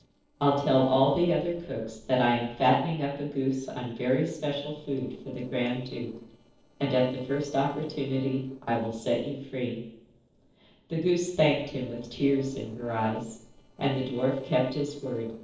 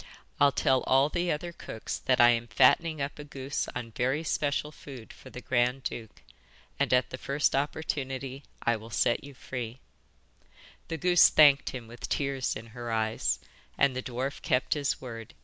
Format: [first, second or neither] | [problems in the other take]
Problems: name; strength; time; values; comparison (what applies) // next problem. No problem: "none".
second | noise reduction (neural separator model SepFormer DNS4)